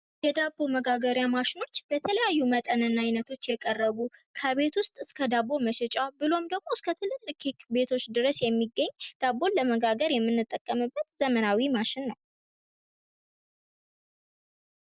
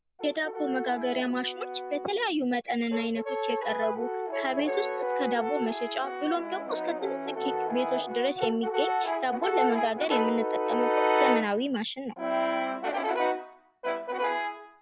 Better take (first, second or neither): first